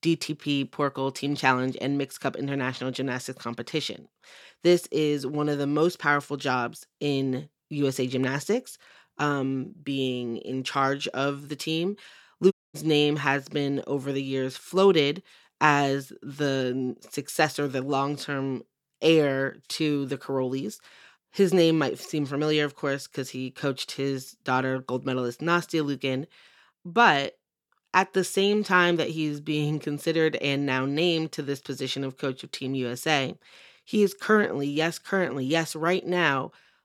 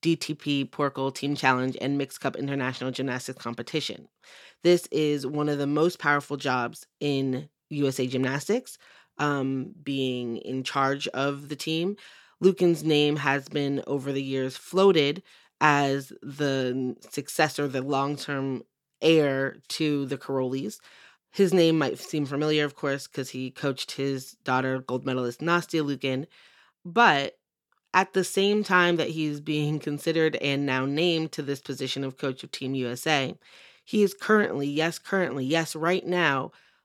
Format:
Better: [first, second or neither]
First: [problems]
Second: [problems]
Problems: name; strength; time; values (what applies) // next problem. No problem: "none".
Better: second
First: audio cutting out; at 13 s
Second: none